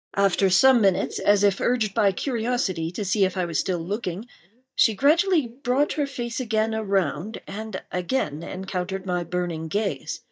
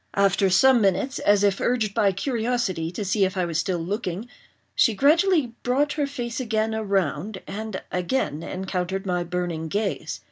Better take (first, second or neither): second